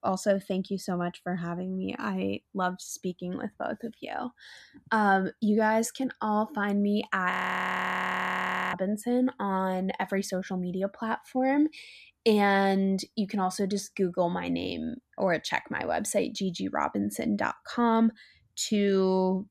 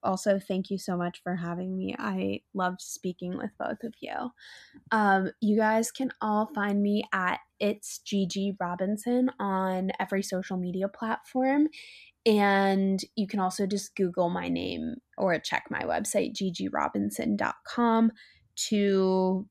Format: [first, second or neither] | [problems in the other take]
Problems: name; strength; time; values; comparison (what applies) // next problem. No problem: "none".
second | audio freezing; at 7.5 s for 1.5 s